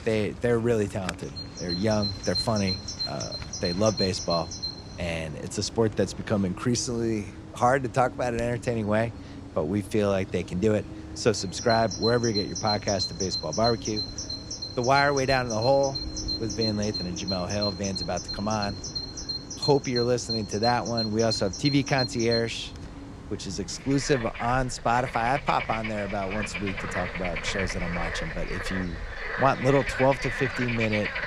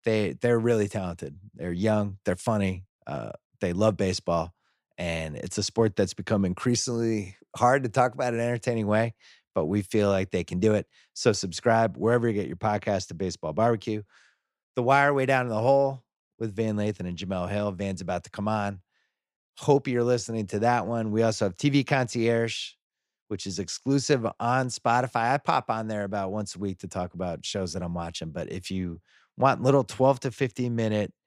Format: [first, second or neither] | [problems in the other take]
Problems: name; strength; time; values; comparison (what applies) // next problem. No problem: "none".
second | animal sounds; loud; throughout; 6 dB below the speech